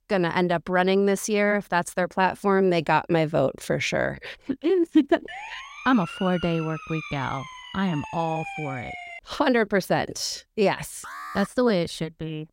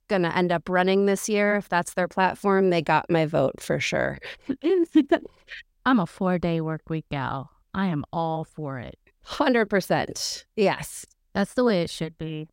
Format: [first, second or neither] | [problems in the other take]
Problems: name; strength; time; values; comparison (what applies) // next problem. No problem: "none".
second | siren; noticeable; from 5.5 to 9 s; peak 10 dB below the speech // alarm; faint; at 11 s; peak 10 dB below the speech